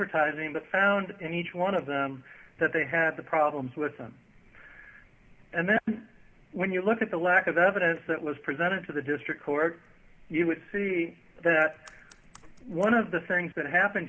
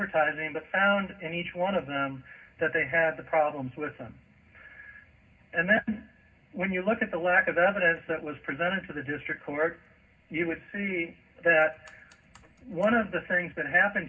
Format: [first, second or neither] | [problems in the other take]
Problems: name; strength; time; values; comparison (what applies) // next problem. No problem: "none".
first | room echo; dies away in 0.4 s